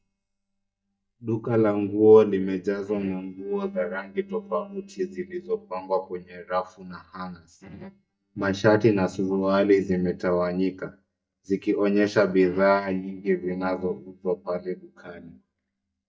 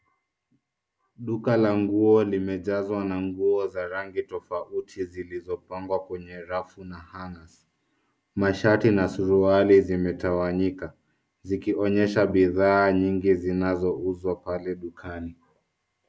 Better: second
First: noise reduction (neural mask model DeepFilterNet 3)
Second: none

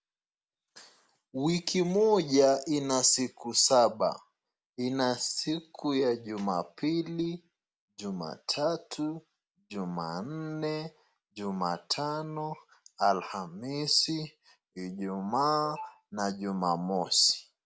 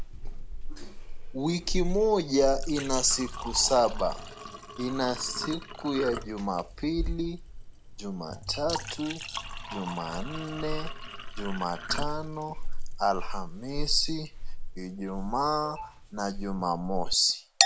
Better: first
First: none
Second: background sound (Chink, clink); 2 dB below the speech

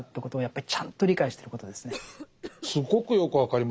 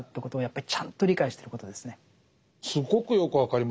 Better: second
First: background sound (Cough); 17 dB below the speech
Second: none

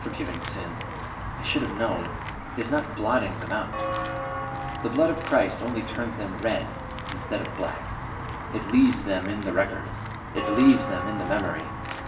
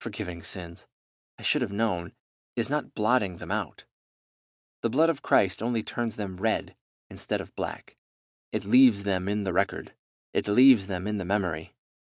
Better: second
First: background sound (Walk, footsteps / Bell); 5 dB below the speech // room echo; dies away in 0.8 s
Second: none

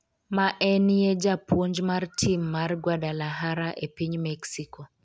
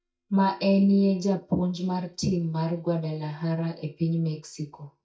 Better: first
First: none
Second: noise reduction (neural mask model DeepFilterNet 3)

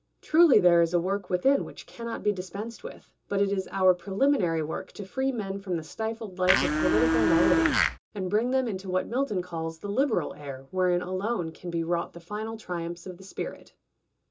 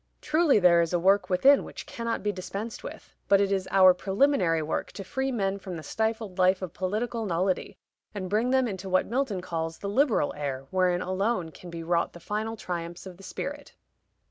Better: second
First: background sound (Domestic sounds, home sounds); 3 dB above the speech // room echo; dies away in 0.2 s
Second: none

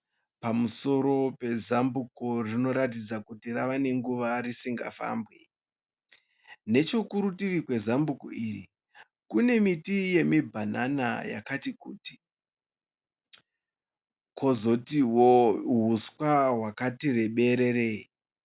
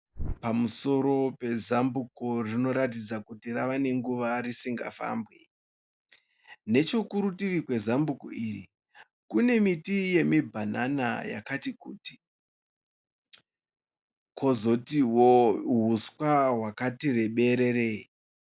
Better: first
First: none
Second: noise reduction (neural mask model Resemble Enhance denoiser)

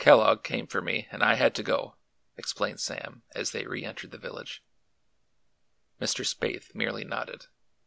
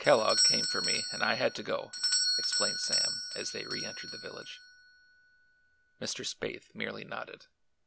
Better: first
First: none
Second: background sound (Doorbell); 1 dB above the speech

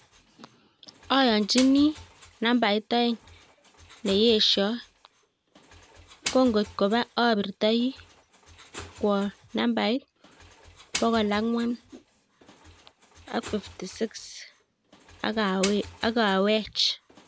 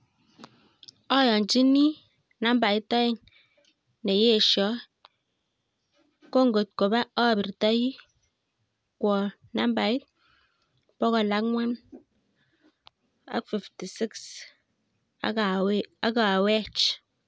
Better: second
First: background sound (Engine); 17 dB below the speech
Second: none

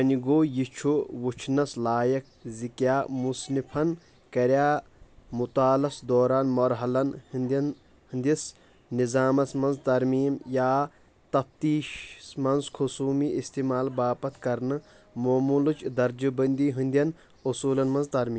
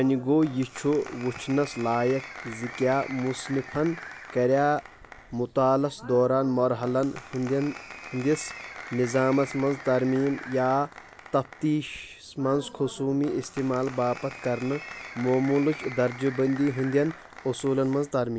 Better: first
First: none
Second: background sound (Applause); 16 dB below the speech

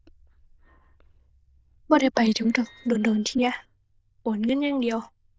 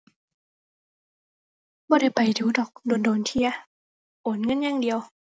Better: second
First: noise reduction (neural diffusion model UNIVERSE++)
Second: none

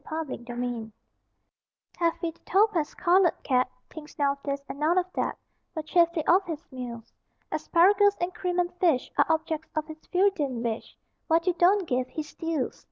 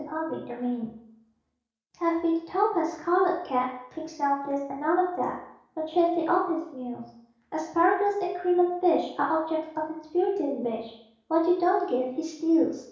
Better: first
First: none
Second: room echo; dies away in 0.6 s

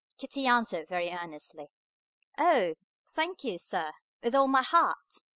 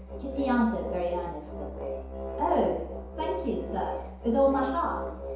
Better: first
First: none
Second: background sound (Musical instrument); 7 dB below the speech // room echo; dies away in 0.9 s

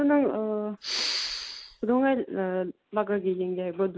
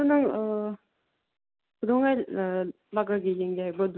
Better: second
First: background sound (Respiratory sounds); 5 dB below the speech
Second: none

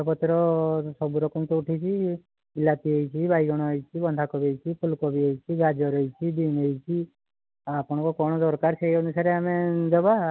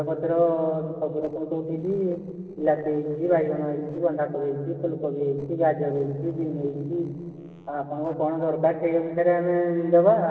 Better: first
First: none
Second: noise reduction (neural separator model SepFormer DNS4)

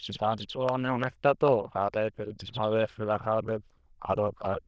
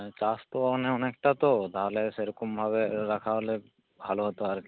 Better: second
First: noise reduction (neural diffusion model UNIVERSE++)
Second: none

